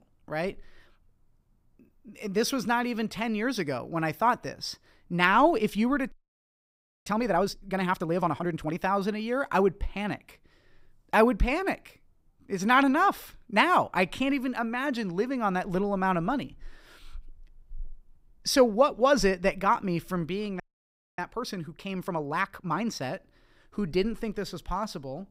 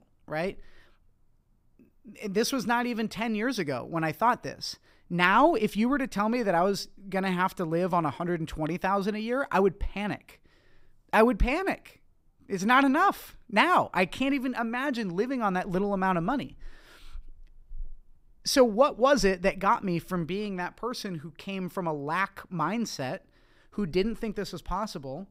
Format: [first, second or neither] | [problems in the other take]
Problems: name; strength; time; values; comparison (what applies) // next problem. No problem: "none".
second | audio freezing; at 6 s for 1 s and at 21 s for 0.5 s